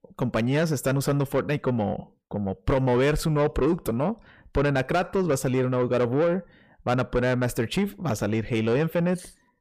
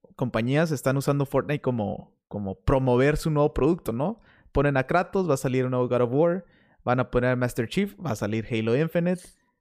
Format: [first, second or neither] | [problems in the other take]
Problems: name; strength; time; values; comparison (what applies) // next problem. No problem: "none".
second | distortion; slight; 10 dB below the speech